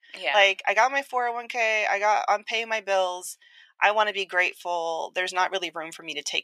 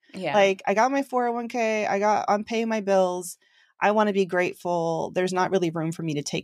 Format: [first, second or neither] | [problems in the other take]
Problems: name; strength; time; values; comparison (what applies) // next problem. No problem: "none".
second | thin; very; fading below 750 Hz